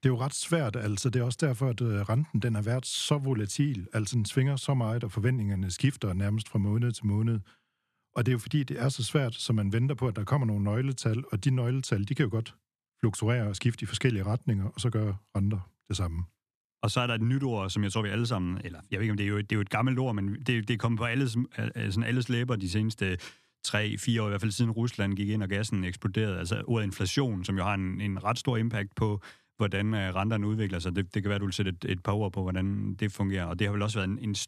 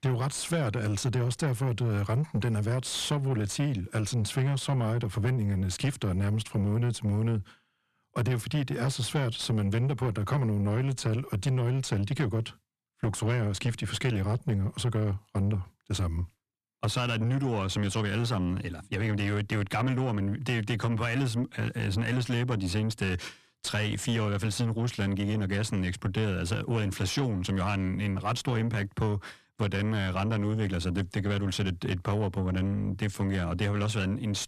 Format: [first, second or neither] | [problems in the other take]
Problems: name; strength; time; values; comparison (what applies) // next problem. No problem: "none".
first | distortion; slight; 9 dB below the speech